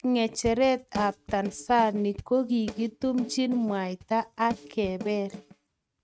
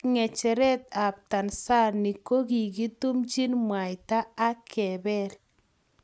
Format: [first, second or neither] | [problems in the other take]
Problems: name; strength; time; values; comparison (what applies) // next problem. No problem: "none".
second | noise reduction (neural mask model RNNoise)